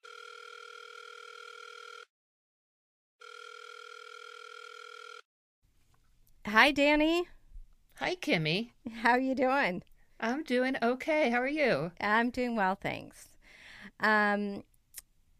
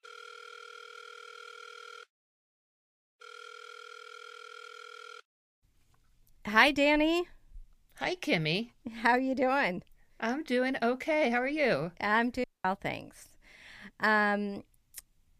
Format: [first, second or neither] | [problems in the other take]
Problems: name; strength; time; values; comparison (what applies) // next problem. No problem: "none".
first | audio cutting out; at 12 s